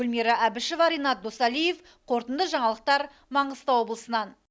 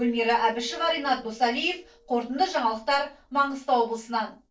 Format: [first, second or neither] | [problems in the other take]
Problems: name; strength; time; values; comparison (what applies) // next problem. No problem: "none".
first | noise reduction (neural separator model SepFormer DNS4)